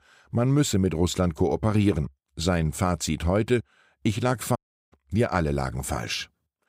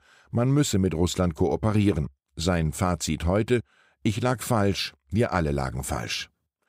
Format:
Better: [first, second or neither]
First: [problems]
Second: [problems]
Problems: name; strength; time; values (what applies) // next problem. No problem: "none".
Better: second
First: audio cutting out; at 4.5 s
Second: none